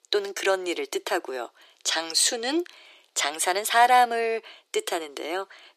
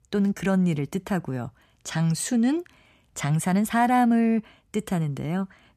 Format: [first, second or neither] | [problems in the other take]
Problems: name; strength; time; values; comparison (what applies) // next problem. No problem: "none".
second | thin; very; fading below 350 Hz